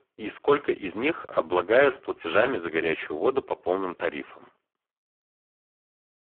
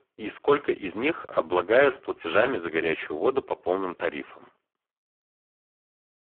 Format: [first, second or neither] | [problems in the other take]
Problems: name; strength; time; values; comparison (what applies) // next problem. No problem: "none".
neither | phone-call audio; poor line; the same in both